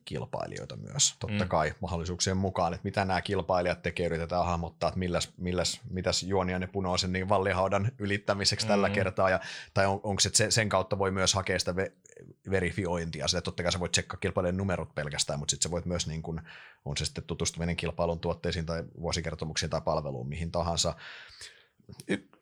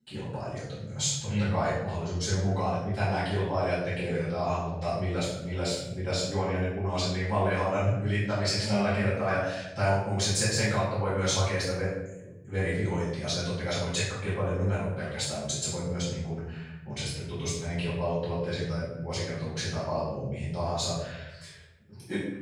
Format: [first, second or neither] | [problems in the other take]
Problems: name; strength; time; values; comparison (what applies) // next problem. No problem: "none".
first | off-mic speech; far // room echo; strong; dies away in 0.9 s